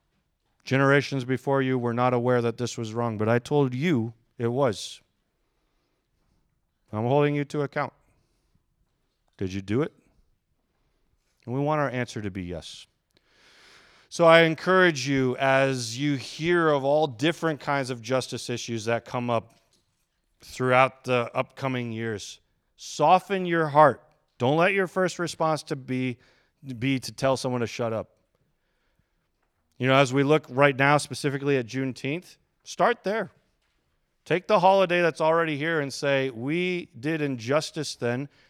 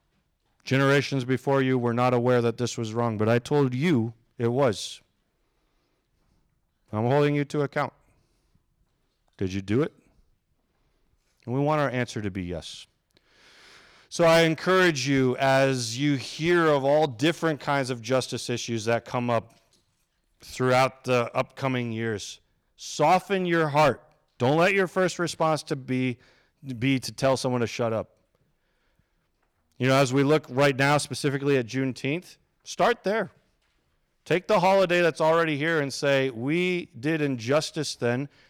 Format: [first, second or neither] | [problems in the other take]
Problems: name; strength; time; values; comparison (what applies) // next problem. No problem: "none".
first | distortion; slight; 3% of the sound clipped